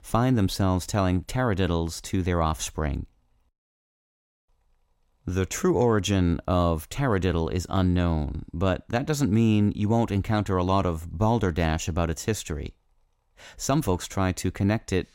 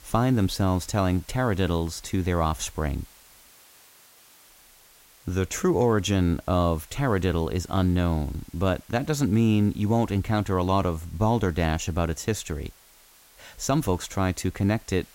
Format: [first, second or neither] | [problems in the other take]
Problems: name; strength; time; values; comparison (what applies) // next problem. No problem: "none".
first | hiss; faint; throughout; 25 dB below the speech